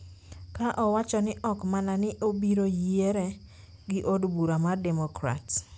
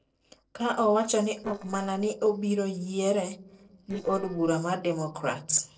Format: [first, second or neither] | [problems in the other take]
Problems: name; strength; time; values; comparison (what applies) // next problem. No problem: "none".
first | noise reduction (neural separator model SepFormer DNS4)